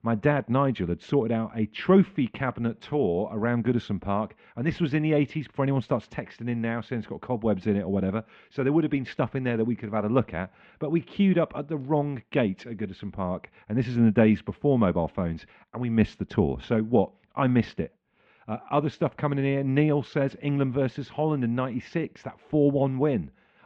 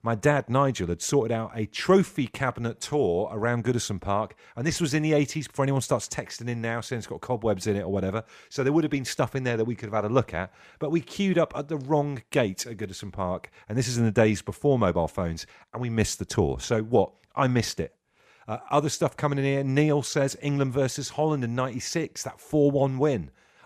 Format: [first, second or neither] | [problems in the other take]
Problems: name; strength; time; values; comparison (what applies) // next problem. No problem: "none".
second | muffled; very; fading above 3 kHz